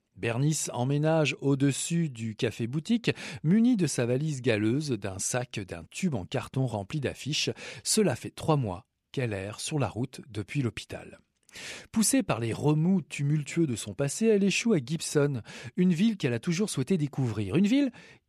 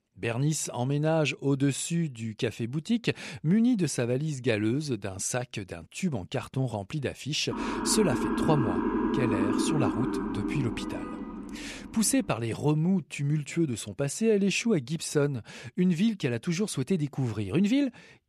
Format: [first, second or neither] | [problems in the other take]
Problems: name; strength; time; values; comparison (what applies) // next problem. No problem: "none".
first | siren; loud; from 7.5 to 12 s; peak 2 dB above the speech